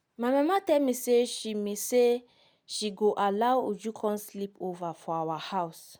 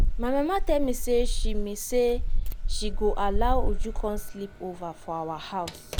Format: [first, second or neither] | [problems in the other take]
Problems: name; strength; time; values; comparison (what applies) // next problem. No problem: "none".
first | background sound (Keys jangling); 3 dB above the speech